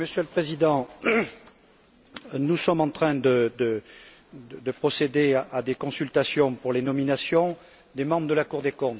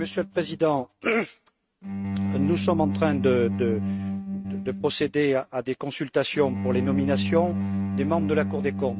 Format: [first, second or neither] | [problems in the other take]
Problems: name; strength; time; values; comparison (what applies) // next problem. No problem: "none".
first | noise reduction (neural mask model RNNoise)